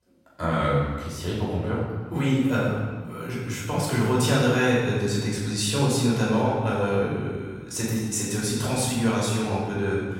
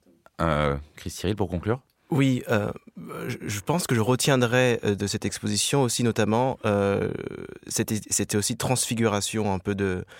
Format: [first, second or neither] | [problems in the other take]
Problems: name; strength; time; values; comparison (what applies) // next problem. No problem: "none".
second | off-mic speech; far // room echo; strong; dies away in 1.2 s